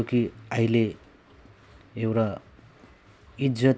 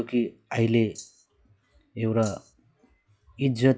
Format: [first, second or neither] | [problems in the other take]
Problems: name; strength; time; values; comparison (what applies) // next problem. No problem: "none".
first | noise reduction (classical method log-MMSE)